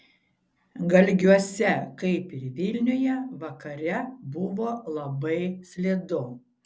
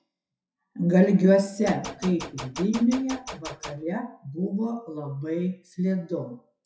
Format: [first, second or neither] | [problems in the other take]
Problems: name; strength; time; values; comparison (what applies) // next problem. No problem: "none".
first | noise reduction (classical method WPE with log-MMSE)